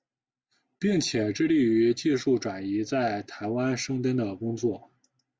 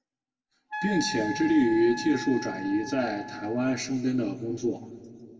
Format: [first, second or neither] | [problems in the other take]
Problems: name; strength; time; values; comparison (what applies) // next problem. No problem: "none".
first | background sound (Wind instrument, woodwind instrument); 9 dB below the speech // room echo; dies away in 1.8 s